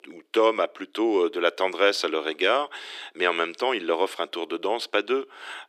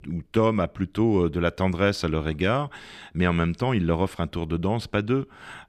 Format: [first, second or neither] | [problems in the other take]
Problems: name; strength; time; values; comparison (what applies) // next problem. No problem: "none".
second | thin; very; fading below 350 Hz